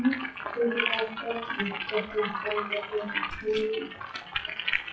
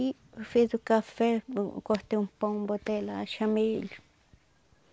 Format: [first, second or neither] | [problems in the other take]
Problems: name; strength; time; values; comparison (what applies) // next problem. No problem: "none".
second | noise reduction (classical method WPE with log-MMSE)